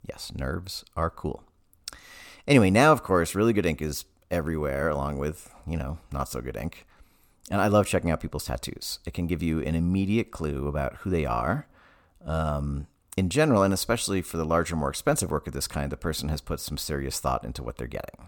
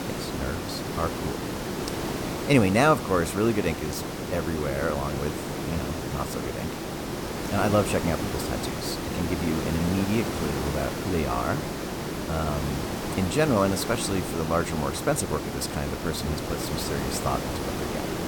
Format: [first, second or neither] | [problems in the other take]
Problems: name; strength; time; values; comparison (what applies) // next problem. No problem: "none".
first | hiss; loud; throughout; 3 dB below the speech